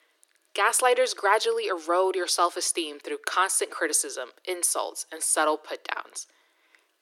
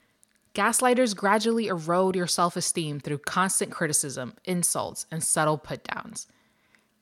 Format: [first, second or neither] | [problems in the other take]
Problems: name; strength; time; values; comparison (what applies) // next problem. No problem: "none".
second | thin; very; fading below 300 Hz